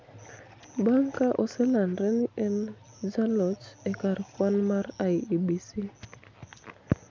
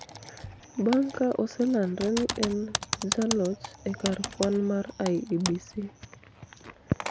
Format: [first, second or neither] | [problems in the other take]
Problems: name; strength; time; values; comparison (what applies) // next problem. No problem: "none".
first | background sound (Typing); 9 dB below the speech